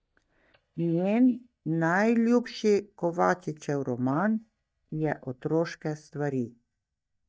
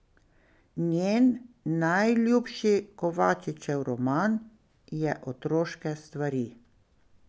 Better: second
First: noise reduction (neural mask model DeepFilterNet 3)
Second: none

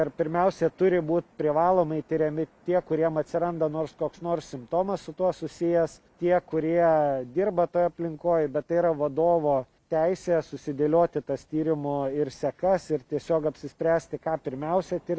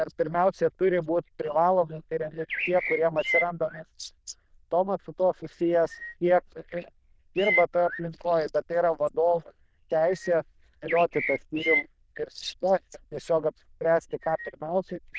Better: first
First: none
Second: noise reduction (neural diffusion model UNIVERSE++)

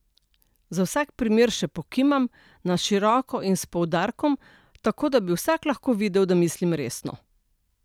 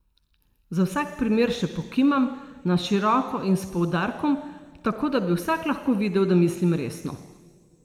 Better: first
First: none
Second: room echo; dies away in 1.9 s

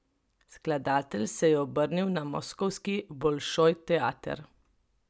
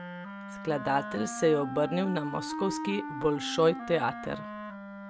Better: first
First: none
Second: background sound (Wind instrument, woodwind instrument); 8 dB below the speech

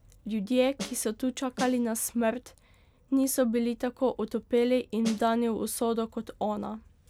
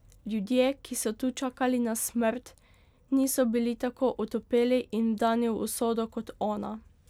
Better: second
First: background sound (Snare drum); 13 dB below the speech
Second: none

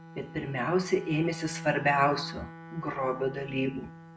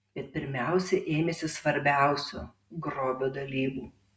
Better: second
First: background sound (Bowed string instrument); 13 dB below the speech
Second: none

